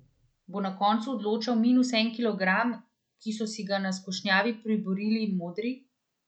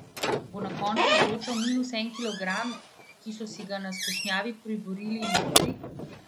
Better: first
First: none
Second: background sound (Squeak / Slam); 2 dB above the speech

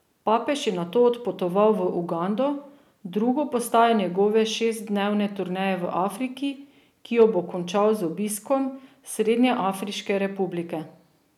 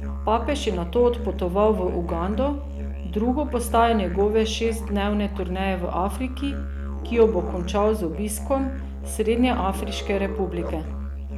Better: first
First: none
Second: background sound (Musical instrument); 6 dB below the speech

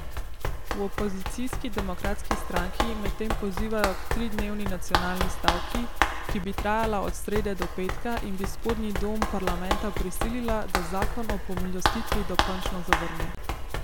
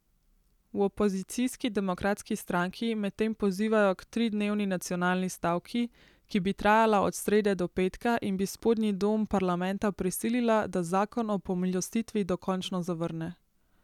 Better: second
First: background sound (Run); 4 dB above the speech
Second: none

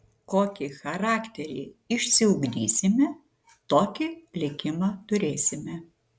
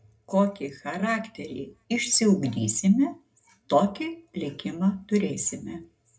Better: first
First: none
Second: room echo; dies away in 0.2 s

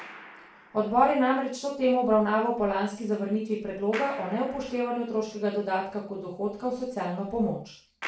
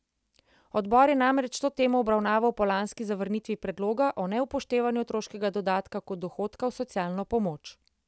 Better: second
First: background sound (Clapping); 19 dB below the speech // room echo; dies away in 0.4 s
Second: none

